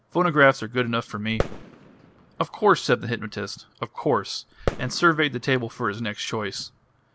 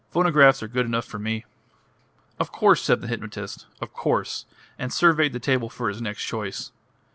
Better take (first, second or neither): second